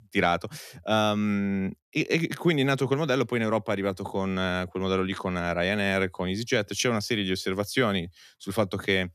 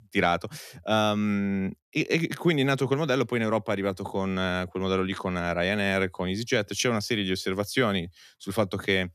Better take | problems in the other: neither | none

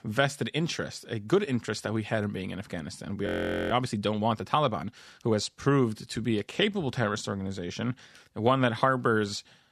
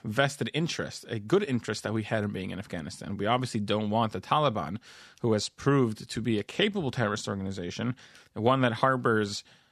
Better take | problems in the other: second | audio freezing; at 3.5 s

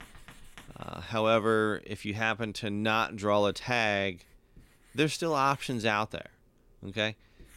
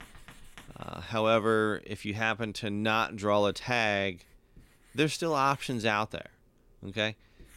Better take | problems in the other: neither | household noises; faint; throughout; 30 dB below the speech; the same in both

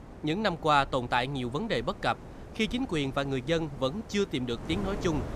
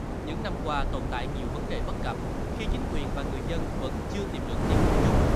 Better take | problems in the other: first | wind noise on the microphone; heavy; 3 dB above the speech; occasional gusts in the first

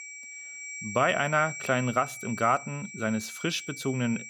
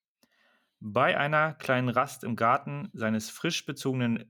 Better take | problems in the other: second | high-pitched whine; noticeable; throughout; 2.5 kHz, 10 dB below the speech

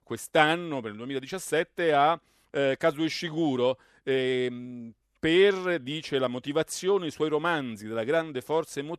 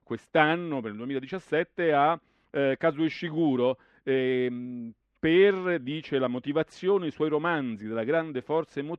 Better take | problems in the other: first | muffled; slightly; fading above 2.5 kHz

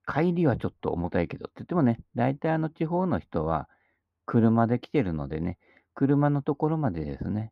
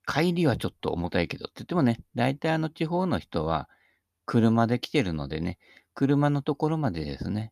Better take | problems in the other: second | muffled; very; fading above 3 kHz

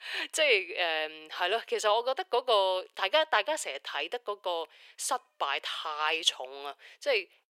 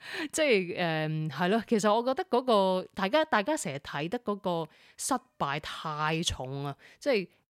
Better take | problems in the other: second | thin; very; fading below 400 Hz

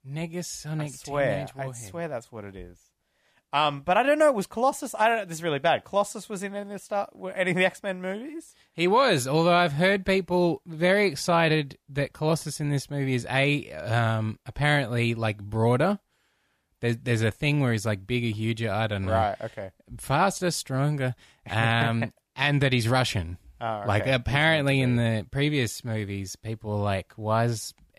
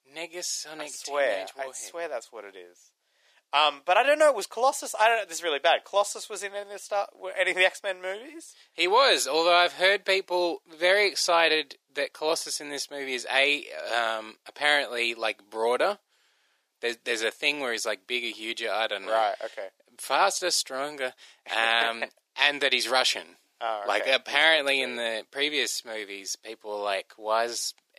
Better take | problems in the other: first | thin; very; fading below 400 Hz

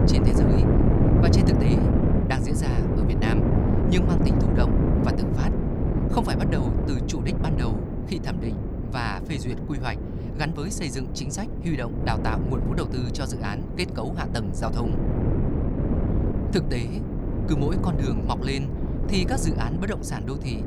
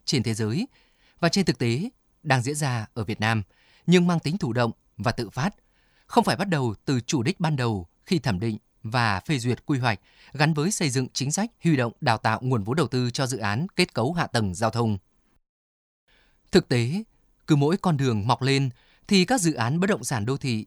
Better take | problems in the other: second | wind noise on the microphone; heavy; as loud as the speech

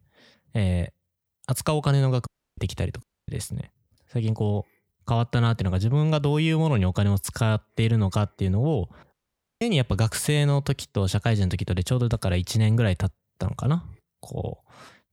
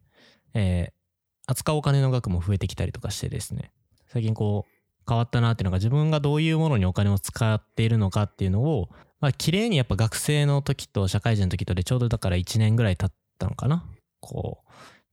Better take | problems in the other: second | audio cutting out; at 2.5 s, at 3 s and at 9 s

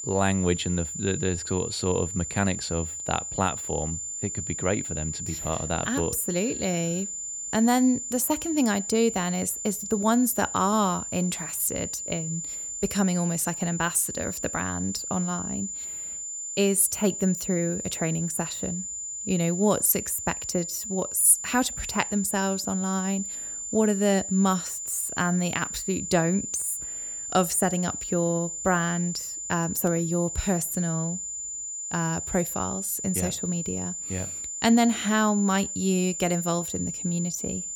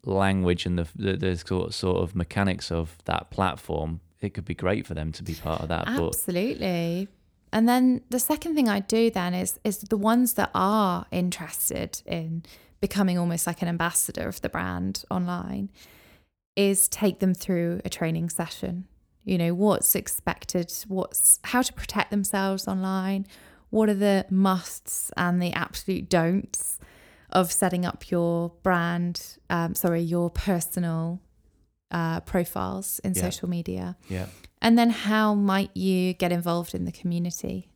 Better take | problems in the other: second | high-pitched whine; loud; throughout; 7 kHz, 5 dB below the speech

